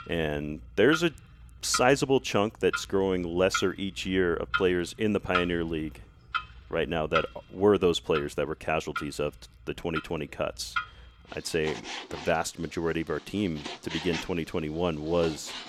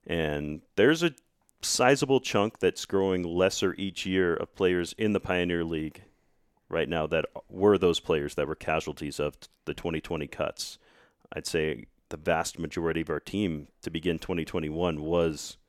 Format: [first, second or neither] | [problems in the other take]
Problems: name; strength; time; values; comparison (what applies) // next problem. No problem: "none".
second | household noises; loud; throughout; 7 dB below the speech